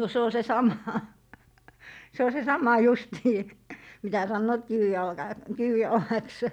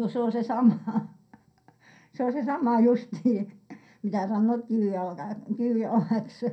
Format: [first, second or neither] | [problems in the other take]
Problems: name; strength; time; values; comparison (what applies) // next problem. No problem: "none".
first | room echo; dies away in 0.2 s